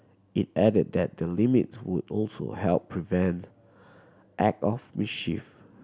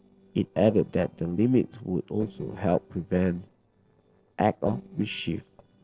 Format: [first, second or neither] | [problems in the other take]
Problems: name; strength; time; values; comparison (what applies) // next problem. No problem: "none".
first | noise reduction (neural separator model SepFormer DNS4)